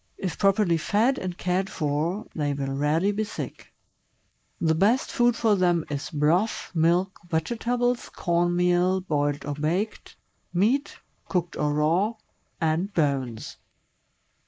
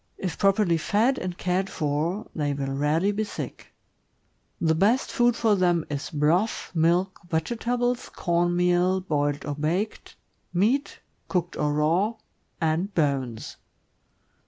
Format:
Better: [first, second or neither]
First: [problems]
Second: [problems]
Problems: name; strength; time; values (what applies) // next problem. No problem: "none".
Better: second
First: noise reduction (neural mask model Resemble Enhance denoiser)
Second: none